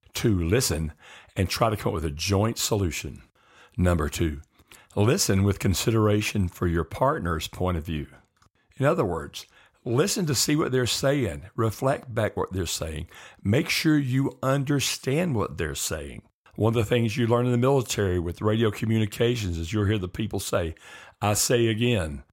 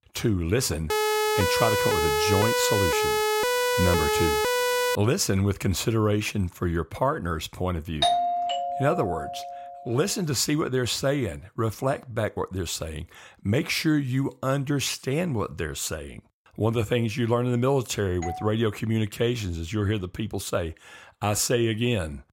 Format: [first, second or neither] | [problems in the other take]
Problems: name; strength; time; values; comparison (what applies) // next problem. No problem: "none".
first | siren; loud; from 1 to 5 s; peak 3 dB above the speech // doorbell; loud; from 8 to 9.5 s; peak 4 dB above the speech // doorbell; noticeable; at 18 s; peak 9 dB below the speech